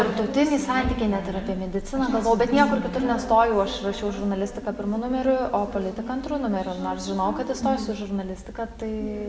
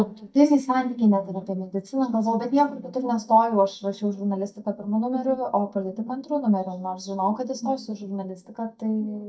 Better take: first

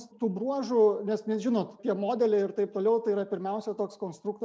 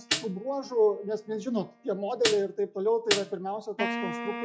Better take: first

